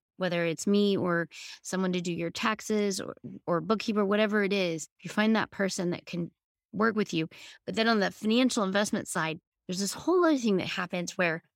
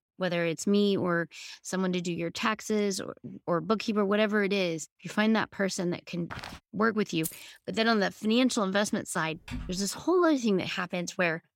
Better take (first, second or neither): first